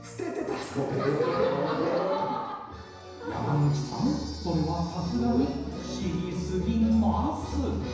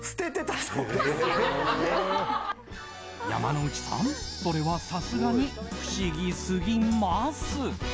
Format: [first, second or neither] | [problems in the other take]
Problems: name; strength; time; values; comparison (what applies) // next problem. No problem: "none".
second | room echo; dies away in 1 s